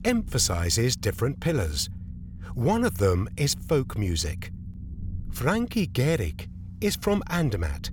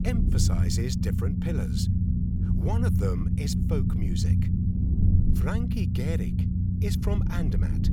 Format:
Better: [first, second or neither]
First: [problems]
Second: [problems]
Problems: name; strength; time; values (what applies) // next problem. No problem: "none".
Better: first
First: low rumble; faint; throughout; 25 dB below the speech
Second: low rumble; loud; throughout; as loud as the speech